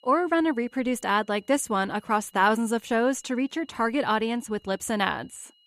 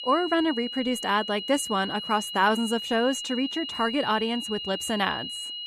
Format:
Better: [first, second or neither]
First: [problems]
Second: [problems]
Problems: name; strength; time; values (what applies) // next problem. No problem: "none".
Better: first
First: high-pitched whine; faint; throughout; 3 kHz, 35 dB below the speech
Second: high-pitched whine; loud; throughout; 3 kHz, 6 dB below the speech